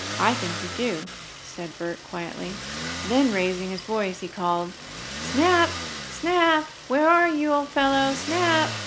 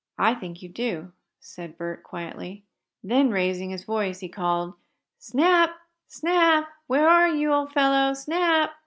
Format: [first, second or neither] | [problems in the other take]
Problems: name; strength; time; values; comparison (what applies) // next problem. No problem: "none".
second | background sound (Motor vehicle (road)); 9 dB below the speech